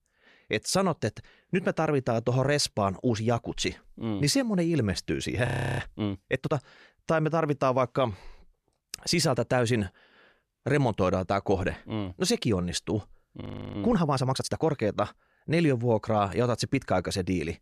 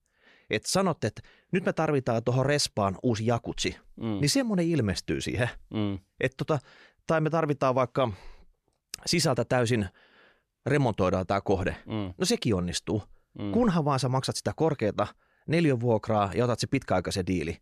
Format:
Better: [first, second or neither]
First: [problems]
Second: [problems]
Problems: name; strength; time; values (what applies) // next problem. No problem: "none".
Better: second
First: audio freezing; at 5.5 s and at 13 s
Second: none